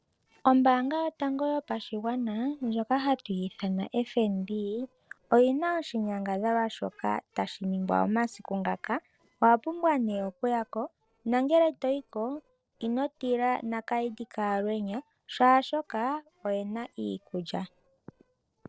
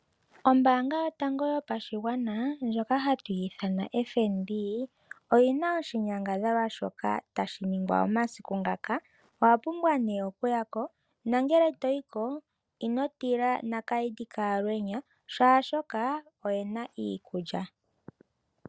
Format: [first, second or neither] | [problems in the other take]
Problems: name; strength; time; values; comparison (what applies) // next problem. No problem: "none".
second | noise reduction (neural separator model SepFormer DNS4)